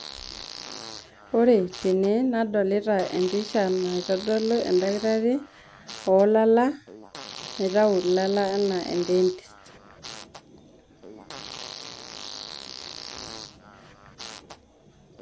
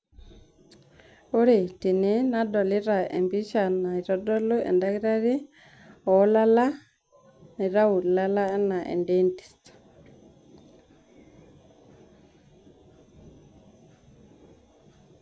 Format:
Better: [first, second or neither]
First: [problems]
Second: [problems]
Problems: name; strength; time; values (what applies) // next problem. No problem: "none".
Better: second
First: background sound (Fart); 16 dB below the speech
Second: none